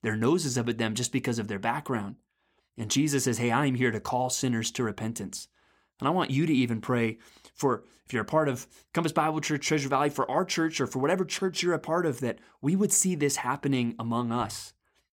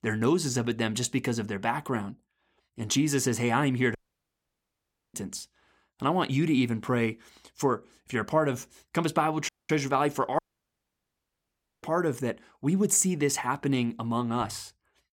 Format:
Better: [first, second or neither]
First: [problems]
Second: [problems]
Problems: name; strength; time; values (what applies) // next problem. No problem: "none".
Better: first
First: none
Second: audio cutting out; at 4 s for 1 s, at 9.5 s and at 10 s for 1.5 s